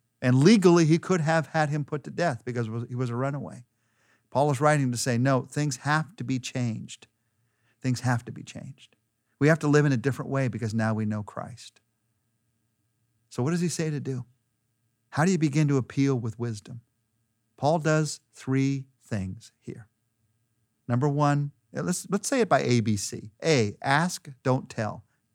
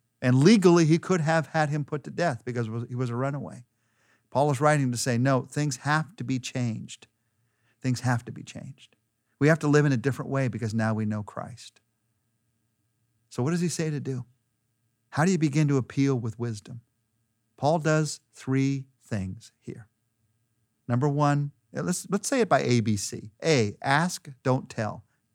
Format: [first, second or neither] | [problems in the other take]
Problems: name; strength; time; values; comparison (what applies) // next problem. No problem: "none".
neither | none